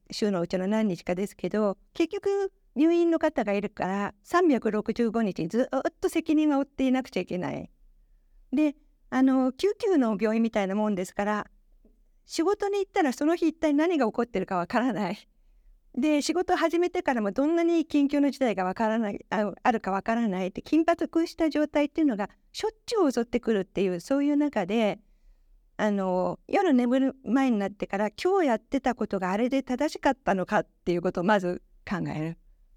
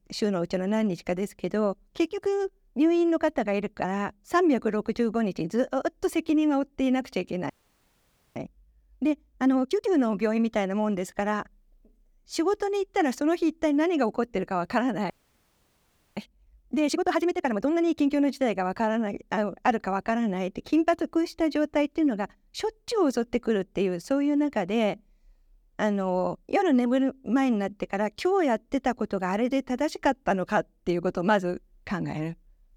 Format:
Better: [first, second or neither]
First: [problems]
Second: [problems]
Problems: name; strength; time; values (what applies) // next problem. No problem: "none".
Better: first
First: none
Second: audio freezing; at 7.5 s for 1 s and at 15 s for 1 s